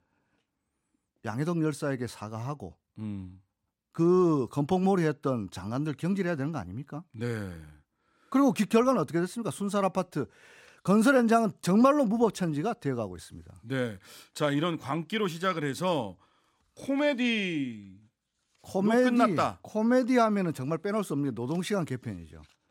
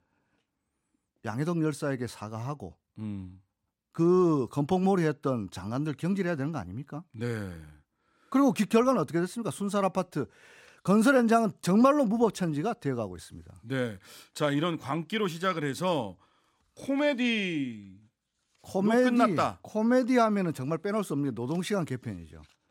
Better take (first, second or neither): neither